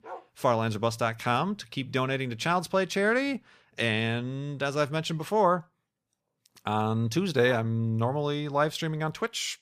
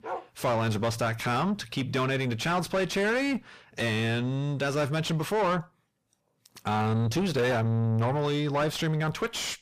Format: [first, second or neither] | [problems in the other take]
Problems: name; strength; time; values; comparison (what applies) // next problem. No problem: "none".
first | distortion; heavy; 6 dB below the speech